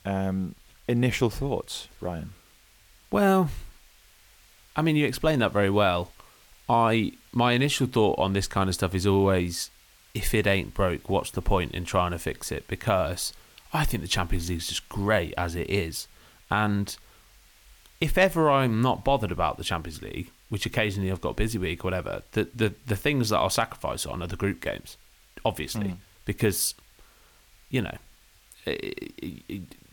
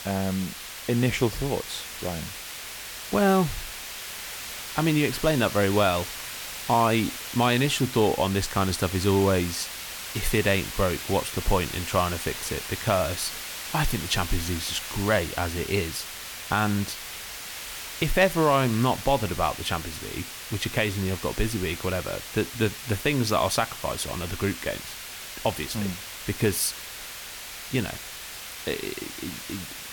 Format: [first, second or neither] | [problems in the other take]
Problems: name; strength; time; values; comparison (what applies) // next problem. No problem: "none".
first | hiss; loud; throughout; 8 dB below the speech; faint in the first